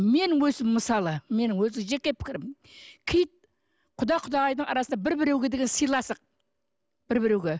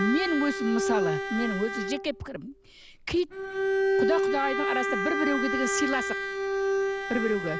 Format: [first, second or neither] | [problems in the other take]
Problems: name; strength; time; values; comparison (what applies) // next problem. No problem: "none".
first | background sound (Bowed string instrument); 1 dB above the speech